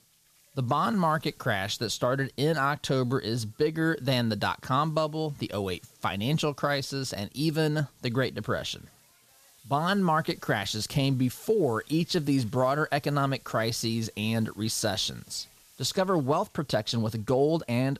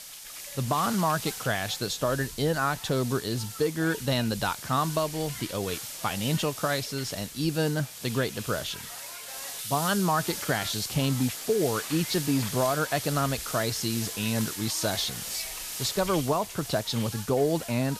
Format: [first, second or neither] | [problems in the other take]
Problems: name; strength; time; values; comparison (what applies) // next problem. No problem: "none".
first | hiss; loud; throughout; 7 dB below the speech; faint in the first